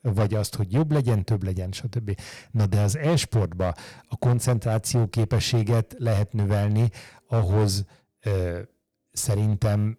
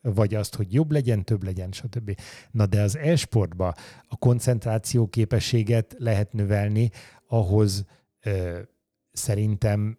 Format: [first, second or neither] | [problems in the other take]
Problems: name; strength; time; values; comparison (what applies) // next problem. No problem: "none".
second | distortion; slight; 8% of the sound clipped